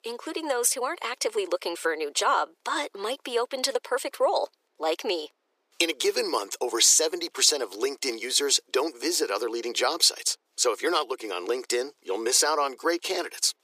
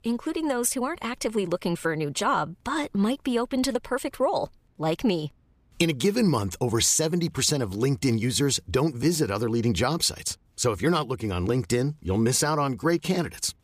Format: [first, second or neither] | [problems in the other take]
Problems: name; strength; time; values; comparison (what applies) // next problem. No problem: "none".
second | thin; very; fading below 350 Hz